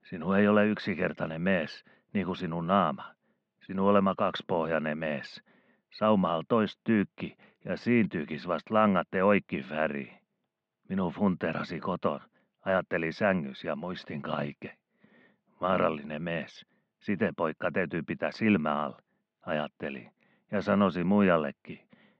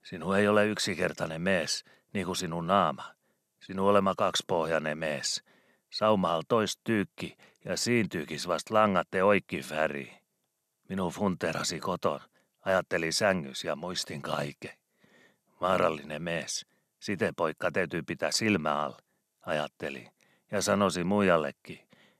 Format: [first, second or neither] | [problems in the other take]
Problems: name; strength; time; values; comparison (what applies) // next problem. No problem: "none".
second | muffled; very; fading above 3 kHz